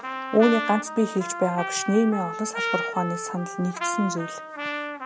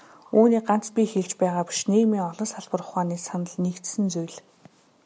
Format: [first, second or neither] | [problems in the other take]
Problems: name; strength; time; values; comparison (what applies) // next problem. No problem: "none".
second | background sound (Trumpet); 6 dB below the speech